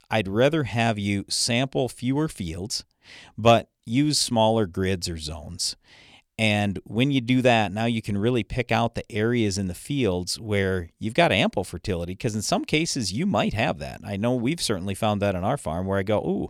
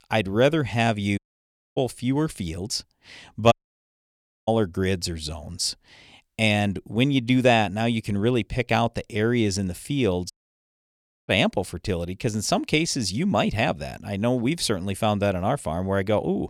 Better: first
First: none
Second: audio cutting out; at 1 s for 0.5 s, at 3.5 s for 1 s and at 10 s for 1 s

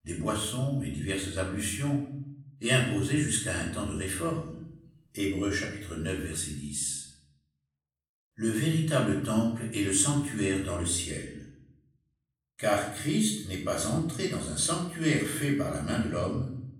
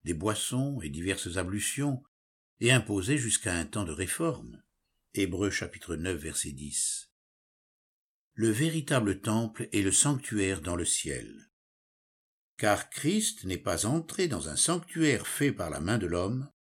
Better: second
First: room echo; noticeable; dies away in 0.7 s // off-mic speech; far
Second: none

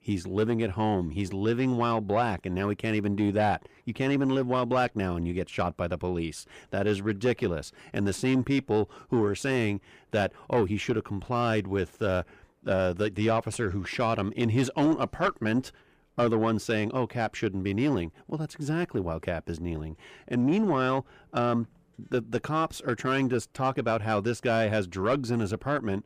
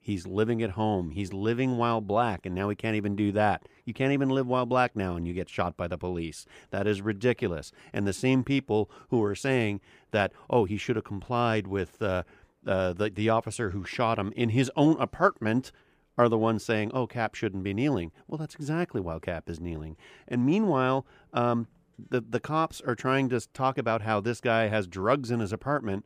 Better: second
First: distortion; slight; 10 dB below the speech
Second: none

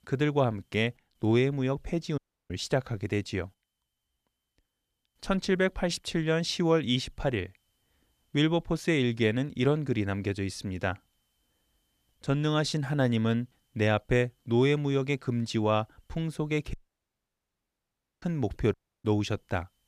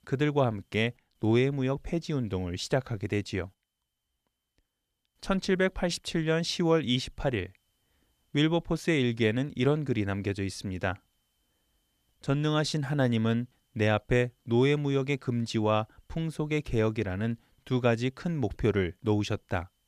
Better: second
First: audio cutting out; at 2 s, at 17 s for 1.5 s and at 19 s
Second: none

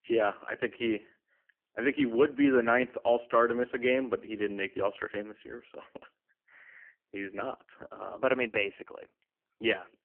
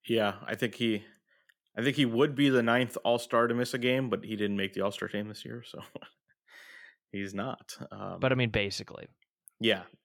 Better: second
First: phone-call audio; poor line; nothing above 3 kHz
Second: none

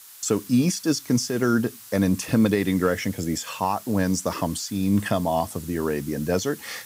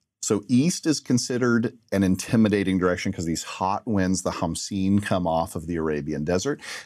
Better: second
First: hiss; noticeable; throughout; 15 dB below the speech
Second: none

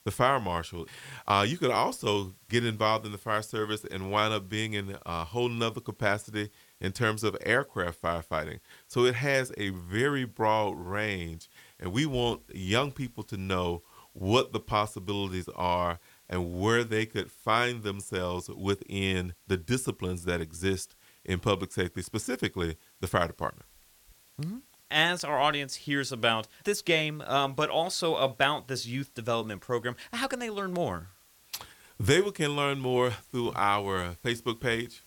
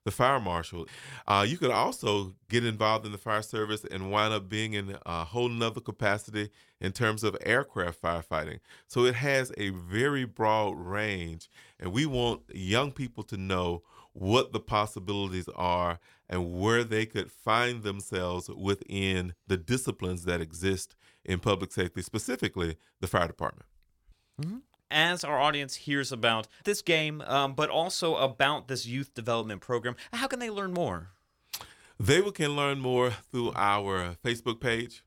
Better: second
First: hiss; faint; throughout; 30 dB below the speech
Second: none

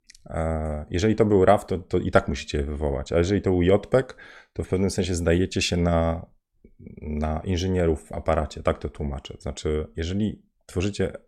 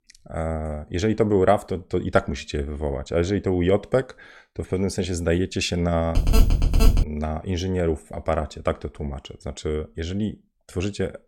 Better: first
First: none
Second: phone ringing; loud; at 6 s; peak 4 dB above the speech

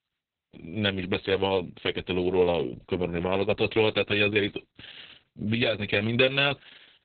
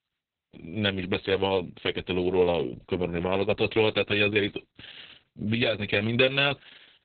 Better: neither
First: garbled, watery; badly; nothing above 3.5 kHz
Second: garbled, watery; badly; nothing above 3.5 kHz

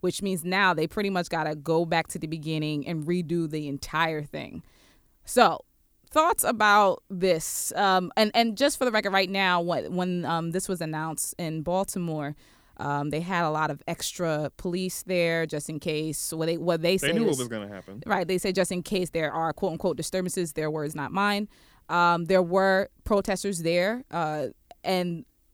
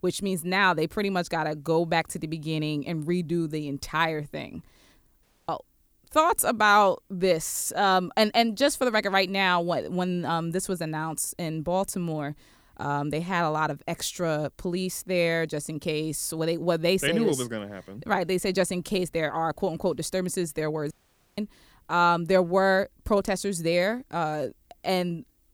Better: first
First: none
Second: audio cutting out; at 5 s and at 21 s

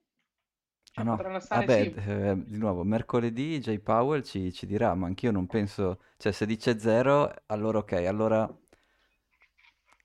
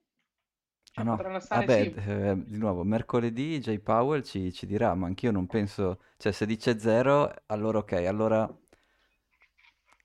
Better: neither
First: none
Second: none

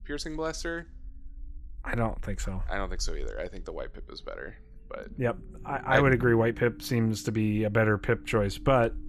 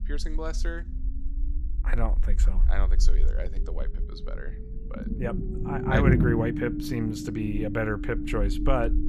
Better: first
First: low rumble; faint; throughout; 20 dB below the speech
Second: low rumble; loud; throughout; 4 dB below the speech

